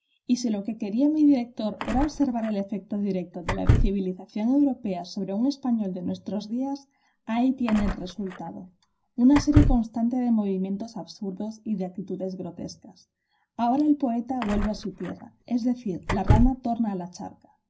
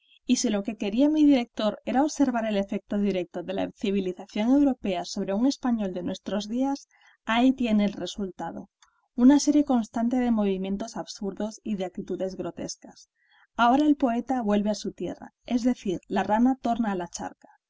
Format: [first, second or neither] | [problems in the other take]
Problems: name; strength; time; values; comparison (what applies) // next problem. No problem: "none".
second | background sound (Door / Car); 2 dB below the speech // room echo; dies away in 0.4 s